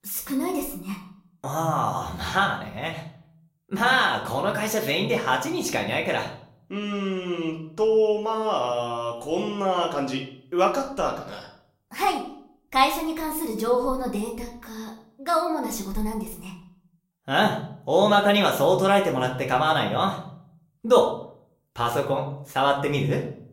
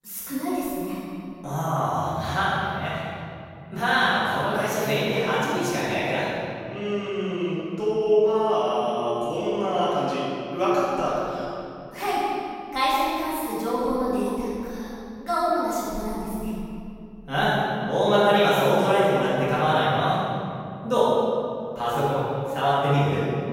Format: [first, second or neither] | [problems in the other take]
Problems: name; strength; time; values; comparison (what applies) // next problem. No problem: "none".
first | room echo; strong; dies away in 2.7 s; slight in the first // off-mic speech; far; somewhat distant in the first